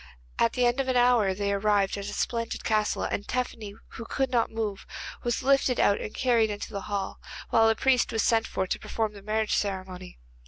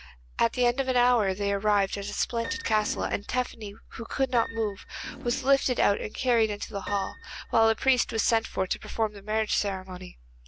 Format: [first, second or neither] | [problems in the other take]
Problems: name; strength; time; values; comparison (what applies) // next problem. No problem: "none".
first | background sound (Fart + Piano); 16 dB below the speech